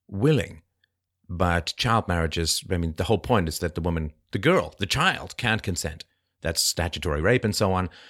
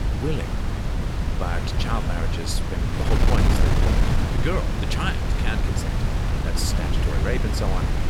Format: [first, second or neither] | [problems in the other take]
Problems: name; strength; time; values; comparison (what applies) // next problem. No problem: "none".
first | wind noise on the microphone; heavy; as loud as the speech